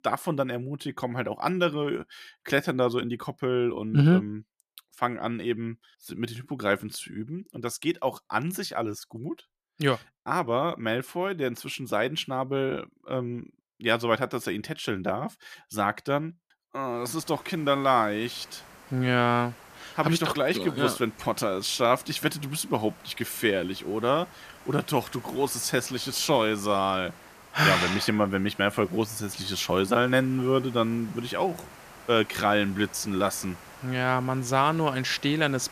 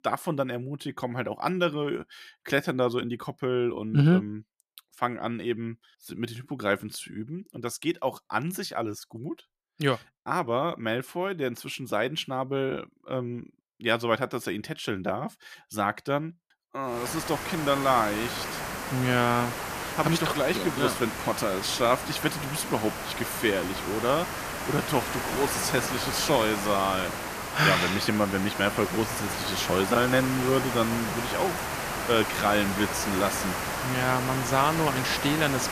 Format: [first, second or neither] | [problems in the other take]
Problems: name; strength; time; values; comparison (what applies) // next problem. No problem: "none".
first | hiss; loud; from 17 s on; 4 dB below the speech; faint in the first